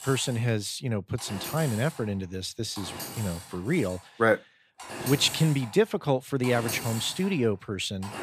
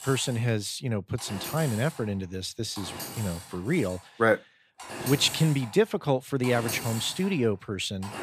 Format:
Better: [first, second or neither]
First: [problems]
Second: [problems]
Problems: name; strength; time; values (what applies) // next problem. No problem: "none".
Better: neither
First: machinery noise; noticeable; throughout; 10 dB below the speech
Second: machinery noise; noticeable; throughout; 10 dB below the speech